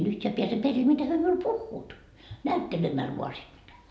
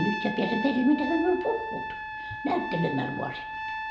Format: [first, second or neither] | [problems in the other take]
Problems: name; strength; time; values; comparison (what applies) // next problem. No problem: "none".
first | background sound (Trumpet); 6 dB below the speech